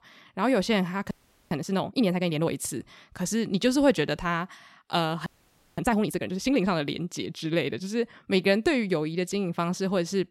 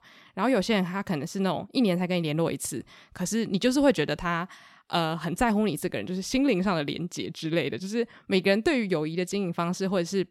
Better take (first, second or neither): second